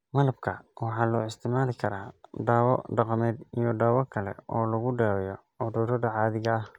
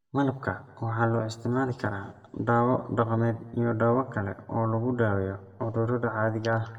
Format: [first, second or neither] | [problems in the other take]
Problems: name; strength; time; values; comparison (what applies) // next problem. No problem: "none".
first | room echo; dies away in 1 s